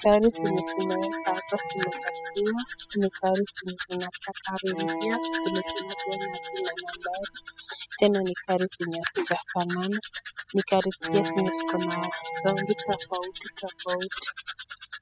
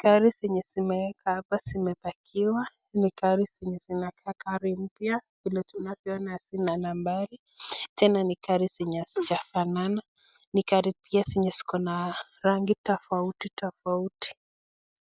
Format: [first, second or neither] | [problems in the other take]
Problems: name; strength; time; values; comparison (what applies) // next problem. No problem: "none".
second | noise reduction (classical method spectral subtraction)